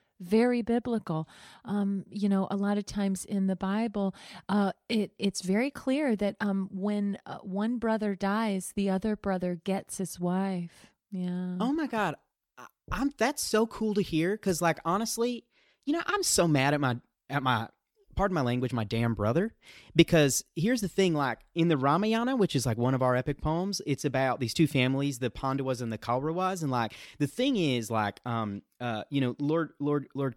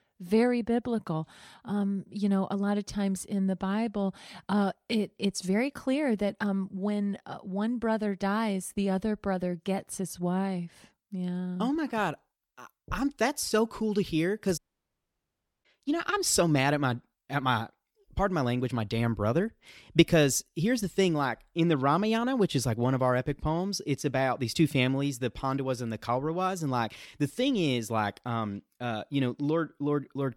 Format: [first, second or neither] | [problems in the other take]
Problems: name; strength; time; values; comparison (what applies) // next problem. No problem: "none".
first | audio cutting out; at 15 s for 1 s